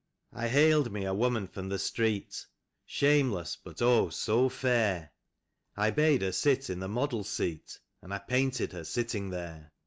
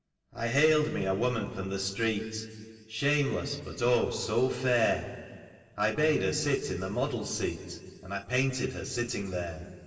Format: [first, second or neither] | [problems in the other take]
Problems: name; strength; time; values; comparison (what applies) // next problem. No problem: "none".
first | room echo; dies away in 2.3 s